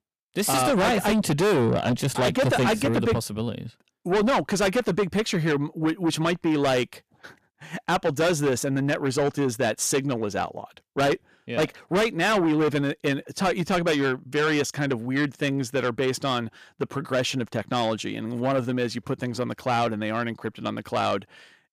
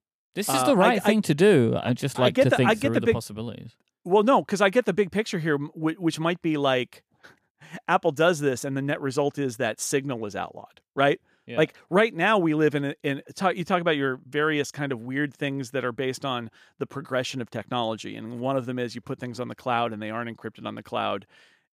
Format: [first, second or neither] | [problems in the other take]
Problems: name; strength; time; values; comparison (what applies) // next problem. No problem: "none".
second | distortion; heavy; 6 dB below the speech